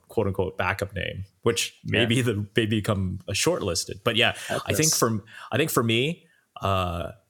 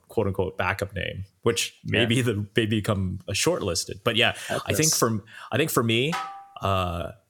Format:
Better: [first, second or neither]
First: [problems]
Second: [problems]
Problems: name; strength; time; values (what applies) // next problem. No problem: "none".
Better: first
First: none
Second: clattering dishes; noticeable; at 6 s; peak 8 dB below the speech